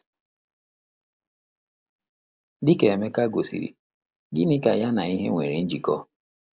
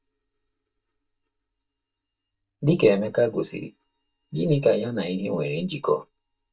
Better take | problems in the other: first | noise reduction (neural mask model DeepFilterNet 3)

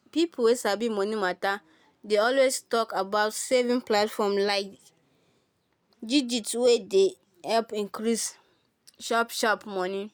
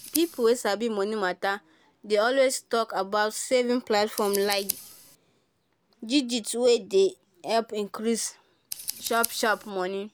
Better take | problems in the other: first | background sound (Scissors); 15 dB below the speech

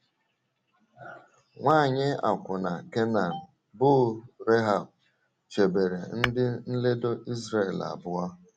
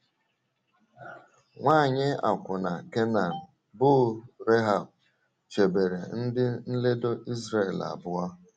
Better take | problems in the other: second | background sound (Tap / Hammer); 8 dB below the speech

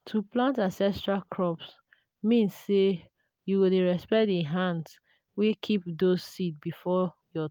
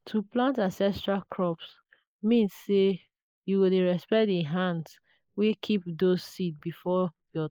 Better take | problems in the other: first | noise reduction (neural mask model Resemble Enhance denoiser)

